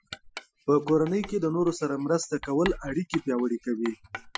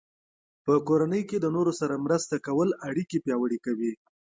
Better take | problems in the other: second | noise reduction (classical method Wiener filter)

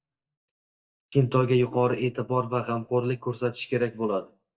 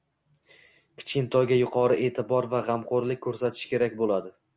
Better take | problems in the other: second | noise reduction (neural mask model DeepFilterNet 3)

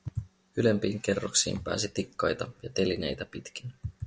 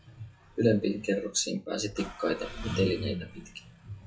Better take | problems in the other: first | noise reduction (classical method WPE with log-MMSE)

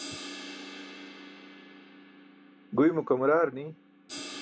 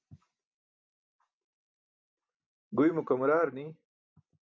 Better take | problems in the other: second | background sound (Crash cymbal); 14 dB below the speech

